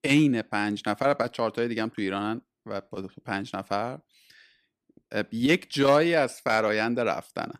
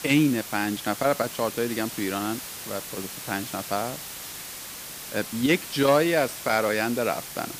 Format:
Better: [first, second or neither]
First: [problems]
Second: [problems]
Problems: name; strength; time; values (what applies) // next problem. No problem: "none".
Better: first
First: none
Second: hiss; loud; throughout; 9 dB below the speech